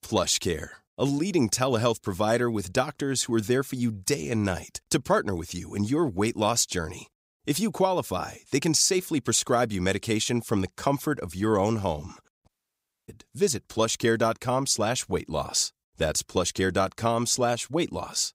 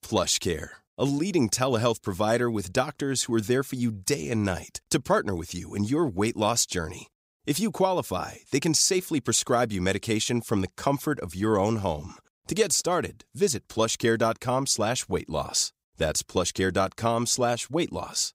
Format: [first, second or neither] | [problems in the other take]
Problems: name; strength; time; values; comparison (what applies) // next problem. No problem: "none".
second | audio cutting out; at 12 s for 0.5 s